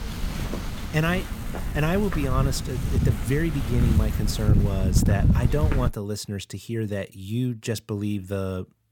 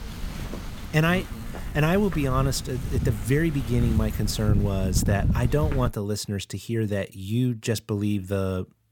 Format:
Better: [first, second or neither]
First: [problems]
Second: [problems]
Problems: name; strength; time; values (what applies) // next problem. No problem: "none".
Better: second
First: wind noise on the microphone; heavy; until 6 s; 5 dB below the speech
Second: wind noise on the microphone; occasional gusts; until 6 s; 10 dB below the speech